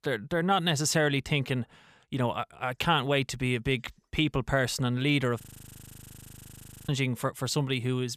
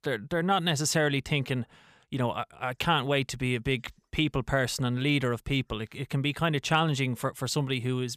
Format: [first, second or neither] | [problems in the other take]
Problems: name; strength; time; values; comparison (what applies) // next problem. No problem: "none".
second | audio freezing; at 5.5 s for 1.5 s